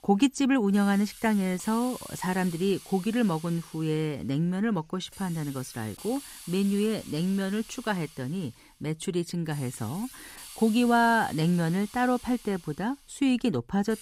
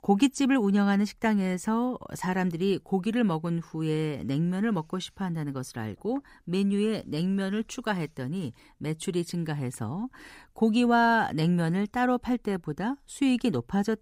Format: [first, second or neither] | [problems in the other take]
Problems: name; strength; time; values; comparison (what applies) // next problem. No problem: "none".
second | hiss; noticeable; throughout; 15 dB below the speech